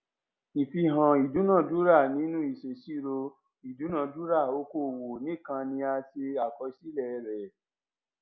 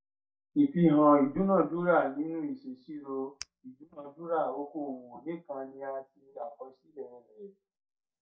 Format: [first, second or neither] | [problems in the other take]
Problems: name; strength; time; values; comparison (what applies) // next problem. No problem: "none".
first | noise reduction (neural mask model DeepFilterNet 3)